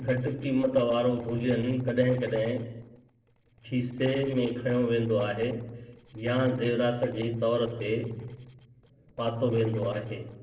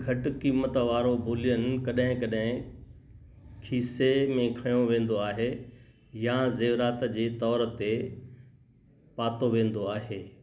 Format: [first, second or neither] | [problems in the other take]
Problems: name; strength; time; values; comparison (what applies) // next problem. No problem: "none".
second | noise reduction (neural separator model SepFormer DNS4)